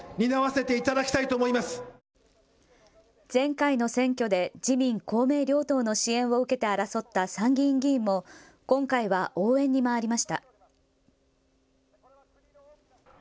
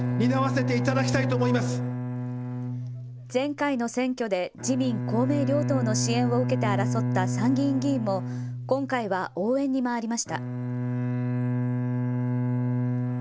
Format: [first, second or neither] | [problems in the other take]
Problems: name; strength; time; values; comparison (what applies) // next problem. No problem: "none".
first | background sound (Bowed string instrument); as loud as the speech